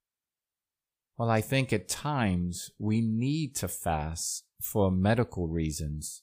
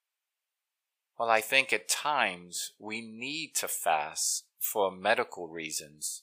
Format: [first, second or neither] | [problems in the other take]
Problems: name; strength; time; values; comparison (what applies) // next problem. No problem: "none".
first | thin; very; fading below 700 Hz